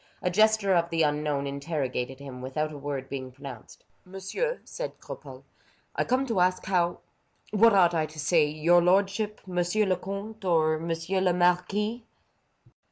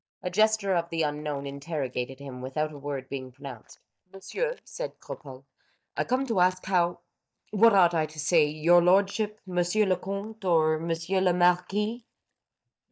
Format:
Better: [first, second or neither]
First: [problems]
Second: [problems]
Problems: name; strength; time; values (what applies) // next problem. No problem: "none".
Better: first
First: none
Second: noise reduction (neural mask model DeepFilterNet 3)